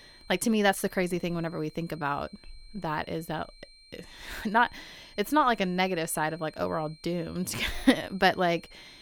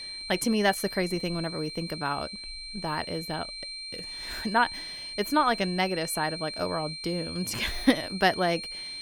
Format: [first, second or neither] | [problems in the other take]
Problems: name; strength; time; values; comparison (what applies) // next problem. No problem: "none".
first | high-pitched whine; loud; throughout; 4 kHz, 7 dB below the speech; faint in the first